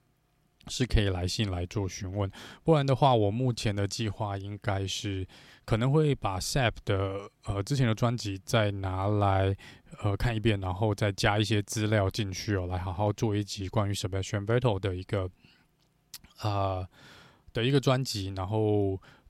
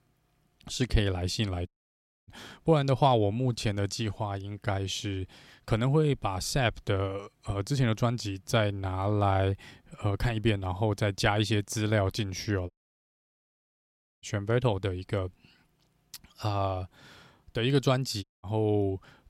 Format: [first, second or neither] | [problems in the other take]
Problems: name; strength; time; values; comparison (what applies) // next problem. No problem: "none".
first | audio cutting out; at 1.5 s for 0.5 s, at 13 s for 1.5 s and at 18 s